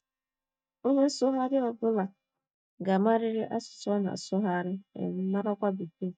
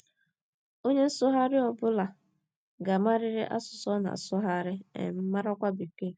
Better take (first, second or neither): second